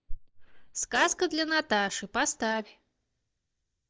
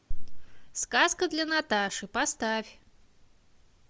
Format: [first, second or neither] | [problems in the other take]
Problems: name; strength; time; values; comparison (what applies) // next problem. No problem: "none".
second | noise reduction (neural mask model DeepFilterNet 3)